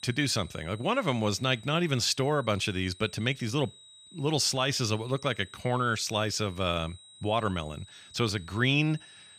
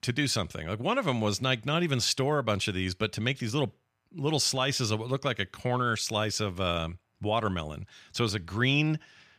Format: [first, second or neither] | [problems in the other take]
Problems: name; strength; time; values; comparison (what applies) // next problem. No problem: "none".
second | high-pitched whine; faint; throughout; 4 kHz, 20 dB below the speech